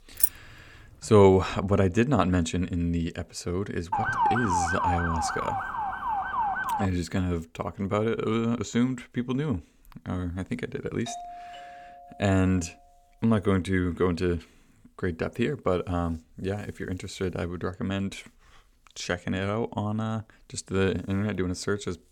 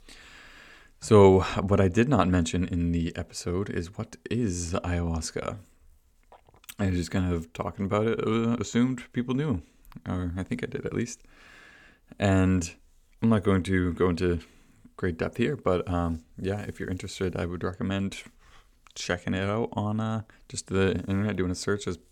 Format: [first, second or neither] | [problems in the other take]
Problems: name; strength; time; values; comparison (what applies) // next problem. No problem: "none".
second | jangling keys; loud; at the start; peak 4 dB above the speech // siren; loud; from 4 to 7 s; peak 3 dB above the speech // doorbell; faint; from 11 to 13 s; peak 10 dB below the speech